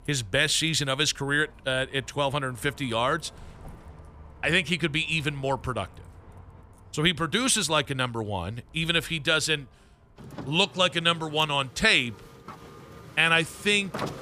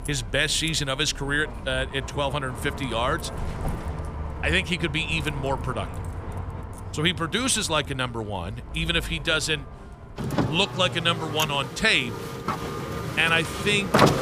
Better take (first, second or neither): first